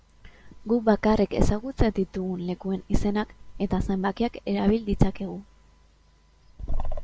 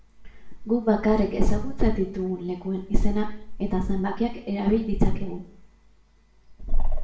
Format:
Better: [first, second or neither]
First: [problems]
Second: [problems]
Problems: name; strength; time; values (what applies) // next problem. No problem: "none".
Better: first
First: none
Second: room echo; dies away in 0.5 s